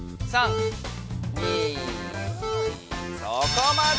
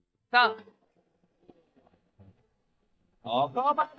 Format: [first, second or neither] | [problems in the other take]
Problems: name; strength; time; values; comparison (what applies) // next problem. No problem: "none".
first | noise reduction (neural mask model DeepFilterNet 3)